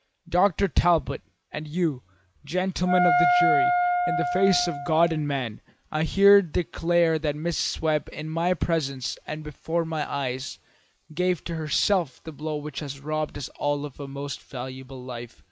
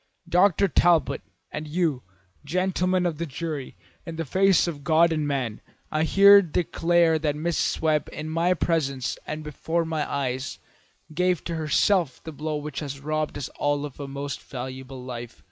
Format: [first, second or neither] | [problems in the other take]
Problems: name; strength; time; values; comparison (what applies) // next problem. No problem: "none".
second | background sound (Wind instrument, woodwind instrument); 2 dB above the speech